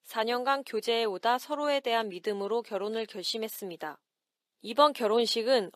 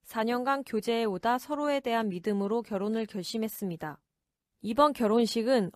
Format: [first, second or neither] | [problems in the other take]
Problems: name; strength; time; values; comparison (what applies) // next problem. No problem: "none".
second | thin; somewhat; fading below 400 Hz